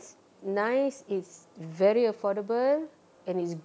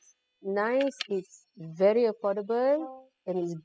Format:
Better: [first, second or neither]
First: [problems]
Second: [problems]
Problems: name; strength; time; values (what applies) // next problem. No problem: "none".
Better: first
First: none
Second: noise reduction (classical method spectral subtraction)